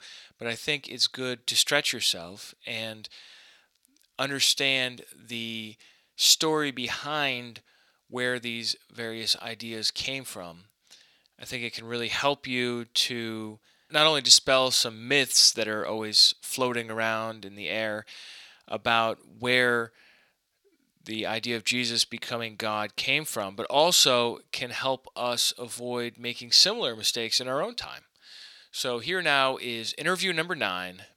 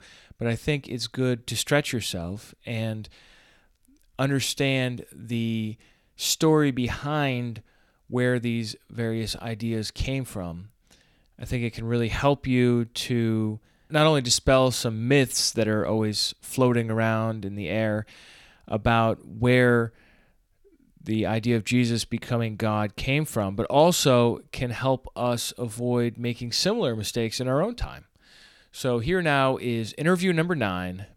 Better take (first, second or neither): second